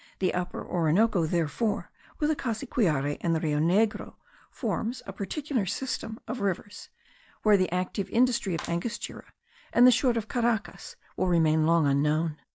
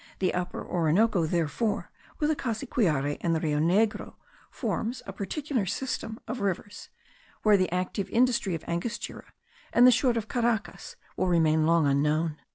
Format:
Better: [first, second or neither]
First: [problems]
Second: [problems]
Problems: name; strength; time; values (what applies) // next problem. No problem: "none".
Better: second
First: noise reduction (neural mask model DeepFilterNet 3)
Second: none